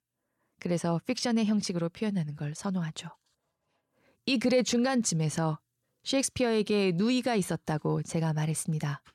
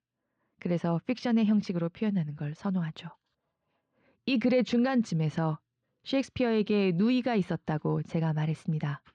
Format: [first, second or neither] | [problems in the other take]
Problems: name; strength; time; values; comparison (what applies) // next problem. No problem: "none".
first | muffled; slightly; fading above 3.5 kHz